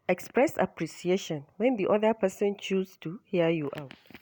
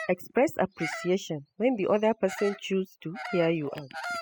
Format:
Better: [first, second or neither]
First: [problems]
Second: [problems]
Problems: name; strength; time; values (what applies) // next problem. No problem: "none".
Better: first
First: none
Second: noise reduction (classical method spectral subtraction)